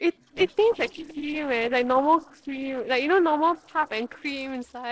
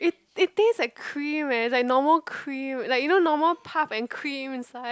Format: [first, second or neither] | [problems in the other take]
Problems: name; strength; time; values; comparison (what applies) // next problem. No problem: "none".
second | noise reduction (neural separator model SepFormer DNS4)